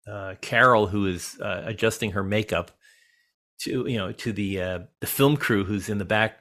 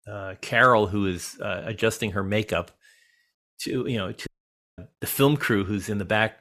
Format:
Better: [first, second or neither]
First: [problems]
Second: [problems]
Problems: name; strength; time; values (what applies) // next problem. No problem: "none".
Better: first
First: none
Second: audio cutting out; at 4.5 s for 0.5 s